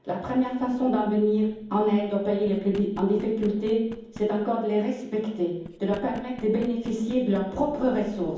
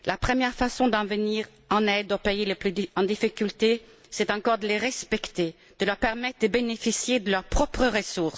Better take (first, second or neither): second